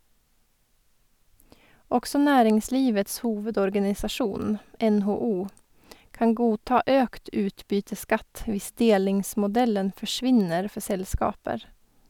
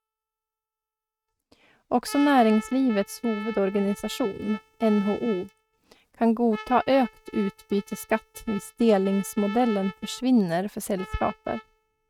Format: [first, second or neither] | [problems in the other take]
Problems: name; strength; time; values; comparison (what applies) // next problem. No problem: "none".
first | noise reduction (neural mask model RNNoise)